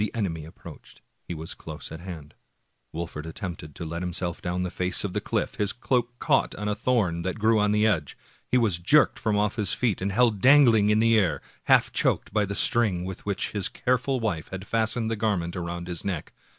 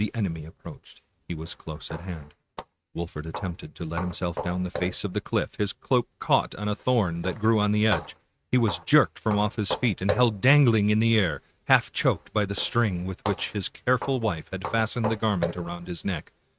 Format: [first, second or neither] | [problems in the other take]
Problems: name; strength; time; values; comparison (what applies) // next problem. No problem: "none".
first | noise reduction (neural mask model RNNoise)